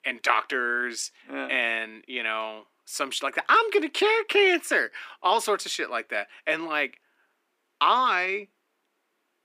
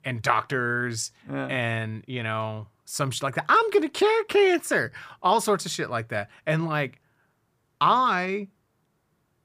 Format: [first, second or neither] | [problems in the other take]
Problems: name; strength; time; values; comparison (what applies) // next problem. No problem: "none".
second | thin; somewhat; fading below 250 Hz